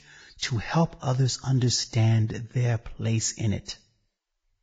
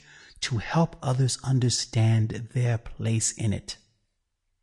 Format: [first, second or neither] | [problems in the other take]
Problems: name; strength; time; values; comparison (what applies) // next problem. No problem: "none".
second | garbled, watery; badly; nothing above 7.5 kHz; slightly in the second